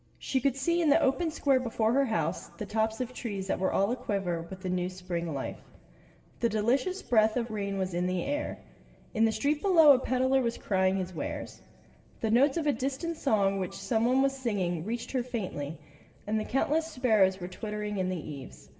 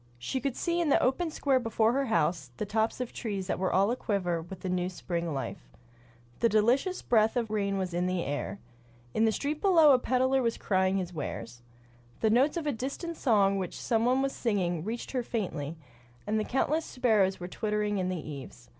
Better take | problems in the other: second | room echo; dies away in 1.7 s

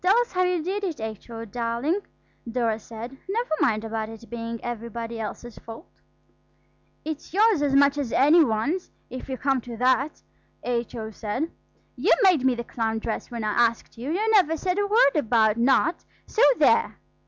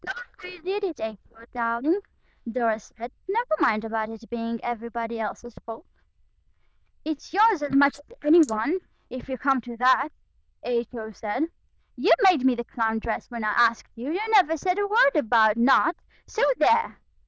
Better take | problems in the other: first | noise reduction (neural diffusion model UNIVERSE++)

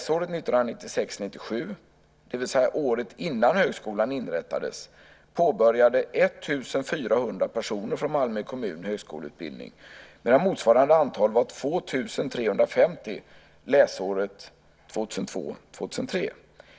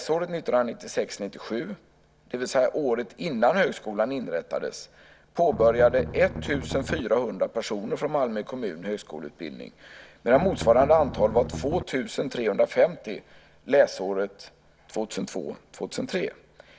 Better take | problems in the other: first | background sound (Strum); 7 dB below the speech

